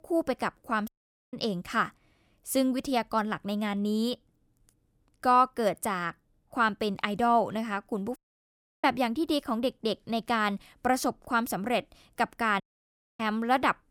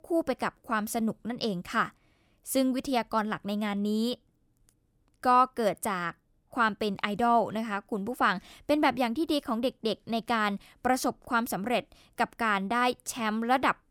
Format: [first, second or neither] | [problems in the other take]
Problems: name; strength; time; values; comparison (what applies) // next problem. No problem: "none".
second | audio cutting out; at 1 s, at 8 s for 0.5 s and at 13 s for 0.5 s